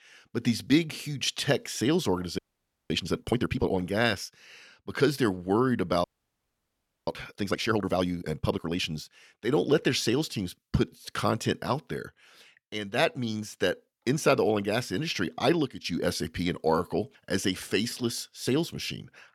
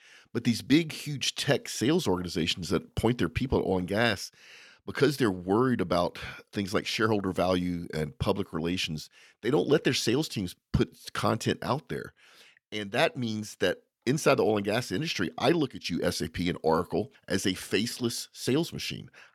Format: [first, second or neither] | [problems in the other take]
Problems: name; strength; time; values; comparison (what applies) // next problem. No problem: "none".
second | audio freezing; at 2.5 s for 0.5 s and at 6 s for 1 s